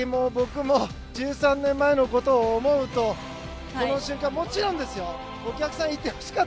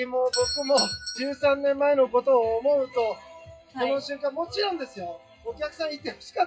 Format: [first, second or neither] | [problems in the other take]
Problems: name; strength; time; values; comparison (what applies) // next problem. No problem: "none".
first | noise reduction (classical method WPE with log-MMSE)